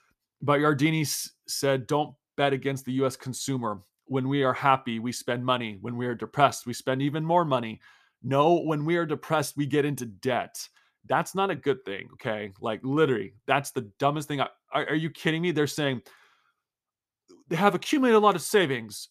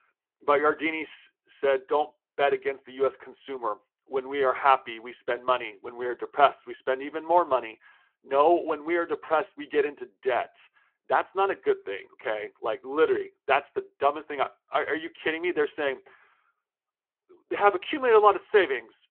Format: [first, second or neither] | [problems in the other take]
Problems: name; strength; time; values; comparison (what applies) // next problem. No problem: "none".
first | phone-call audio